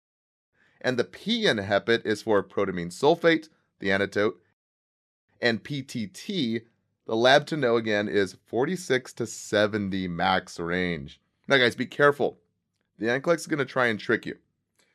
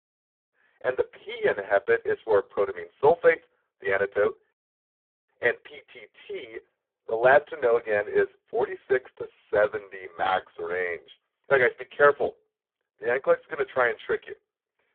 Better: first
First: none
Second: phone-call audio; poor line

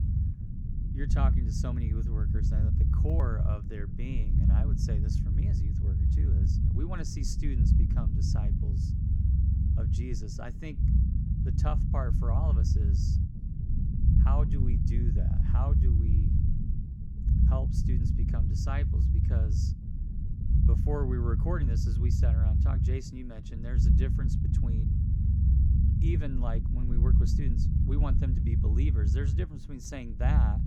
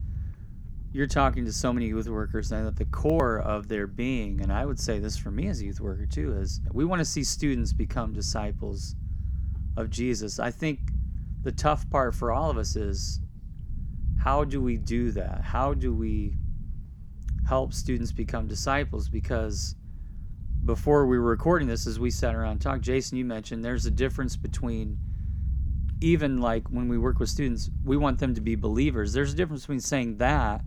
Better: second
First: low rumble; loud; throughout; as loud as the speech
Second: low rumble; faint; throughout; 20 dB below the speech

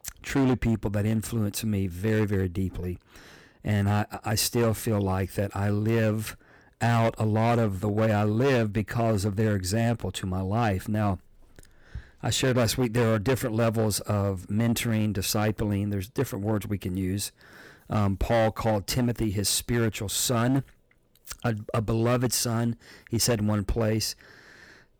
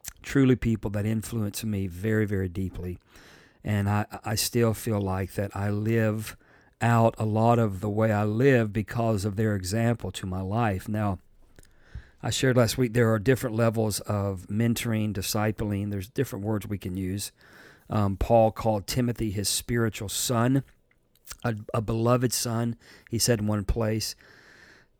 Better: second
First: distortion; slight; 8% of the sound clipped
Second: none

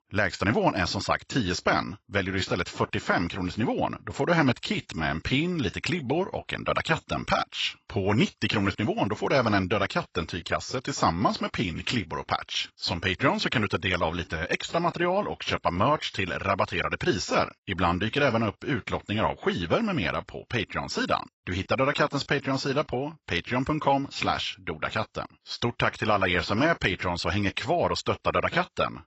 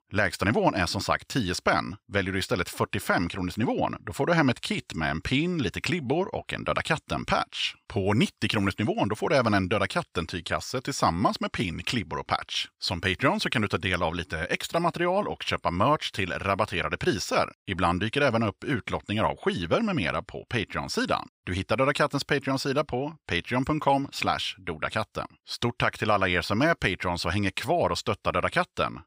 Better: second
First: garbled, watery; badly; nothing above 8 kHz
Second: none

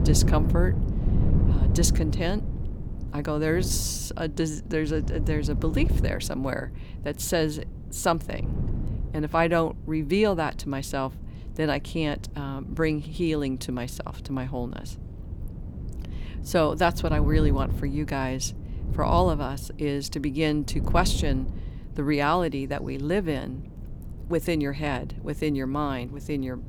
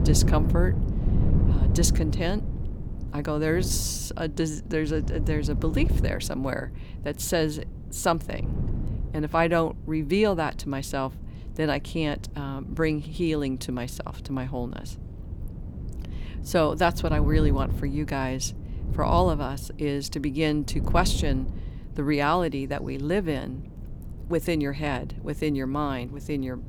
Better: neither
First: wind noise on the microphone; occasional gusts; 15 dB below the speech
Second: wind noise on the microphone; occasional gusts; 15 dB below the speech

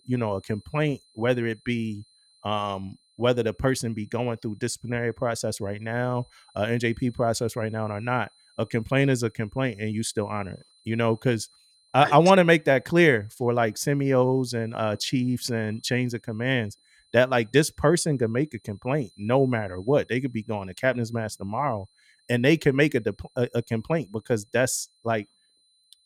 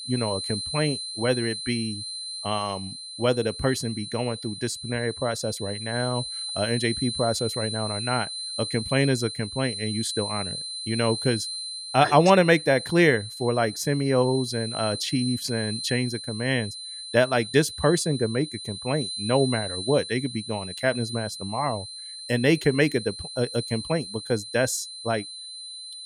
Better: first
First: high-pitched whine; faint; throughout; 4 kHz, 35 dB below the speech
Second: high-pitched whine; loud; throughout; 4 kHz, 7 dB below the speech

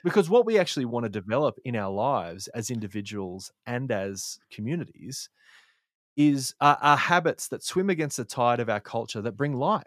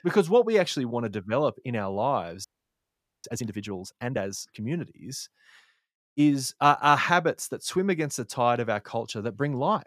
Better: first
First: none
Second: audio freezing; at 2.5 s for 1 s

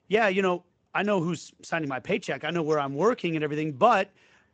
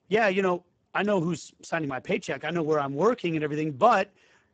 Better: first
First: garbled, watery; slightly; nothing above 7.5 kHz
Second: garbled, watery; badly; nothing above 7.5 kHz

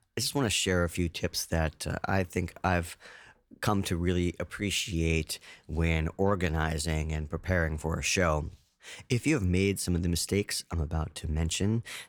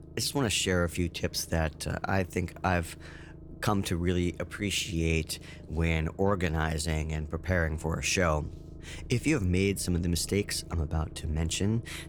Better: first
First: none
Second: low rumble; faint; throughout; 25 dB below the speech

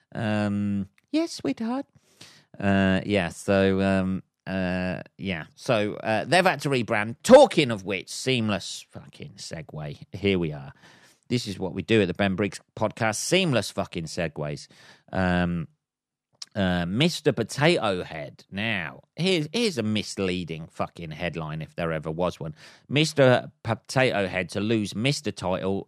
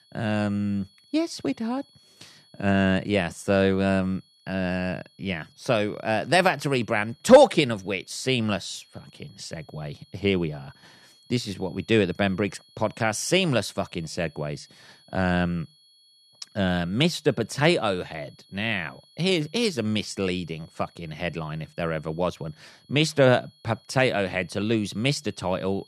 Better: first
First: none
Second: high-pitched whine; faint; throughout; 4.5 kHz, 30 dB below the speech

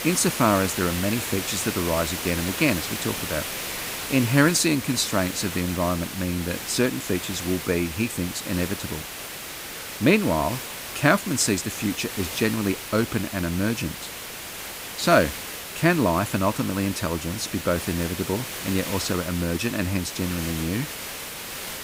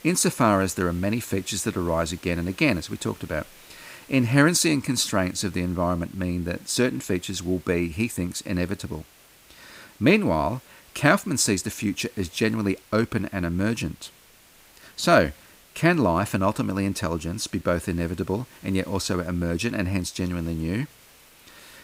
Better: second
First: hiss; loud; throughout; 7 dB below the speech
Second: hiss; faint; throughout; 25 dB below the speech

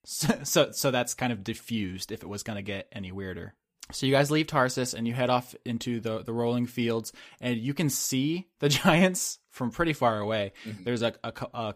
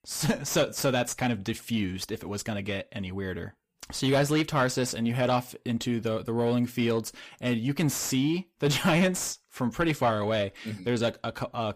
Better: first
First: none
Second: distortion; slight; 10 dB below the speech

